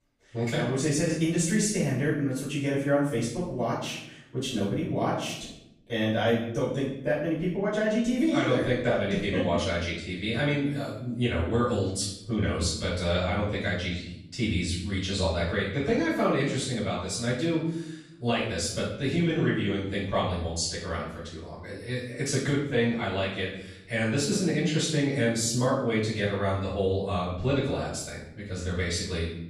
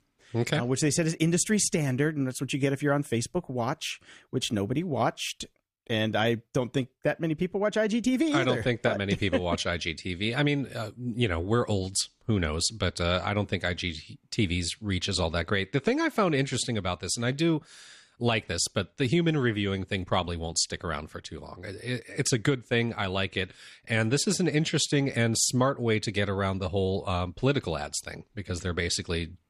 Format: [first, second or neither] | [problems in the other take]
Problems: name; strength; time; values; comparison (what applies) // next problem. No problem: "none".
second | off-mic speech; far // room echo; noticeable; dies away in 0.7 s